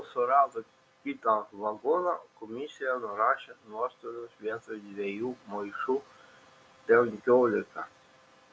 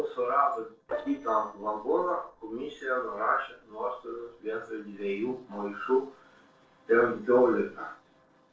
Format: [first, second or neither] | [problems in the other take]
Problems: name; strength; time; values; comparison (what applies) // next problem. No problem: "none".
first | noise reduction (neural separator model SepFormer DNS4)